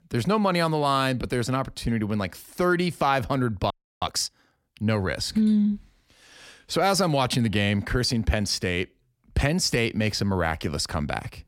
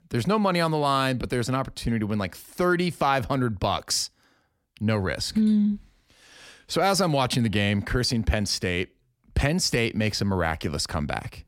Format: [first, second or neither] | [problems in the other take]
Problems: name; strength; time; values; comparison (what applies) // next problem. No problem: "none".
second | audio freezing; at 3.5 s